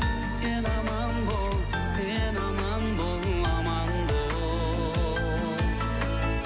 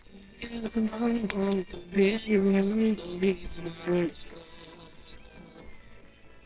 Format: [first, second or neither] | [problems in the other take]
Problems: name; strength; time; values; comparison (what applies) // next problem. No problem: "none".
first | noise reduction (neural separator model SepFormer WHAMR!)